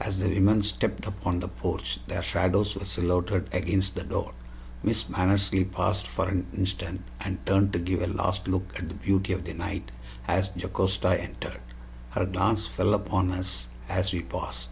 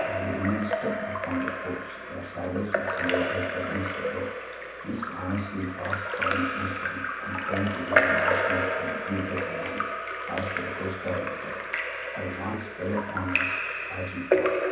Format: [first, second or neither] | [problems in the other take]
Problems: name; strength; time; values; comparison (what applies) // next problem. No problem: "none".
first | background sound (Drip / Trickle, dribble / Splash, splatter); 4 dB above the speech // room echo; dies away in 0.6 s